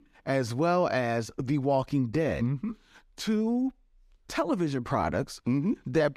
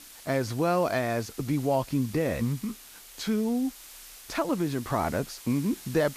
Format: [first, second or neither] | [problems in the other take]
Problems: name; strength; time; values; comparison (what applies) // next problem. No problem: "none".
first | hiss; noticeable; throughout; 15 dB below the speech